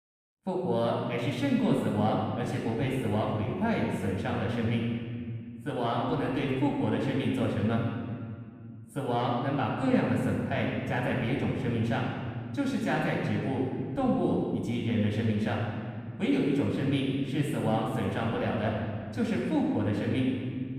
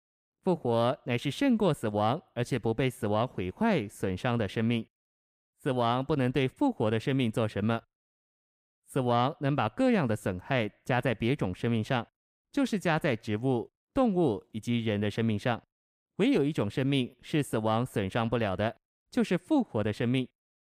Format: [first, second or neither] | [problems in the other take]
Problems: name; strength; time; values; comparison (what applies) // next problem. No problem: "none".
second | off-mic speech; far // room echo; noticeable; dies away in 2.2 s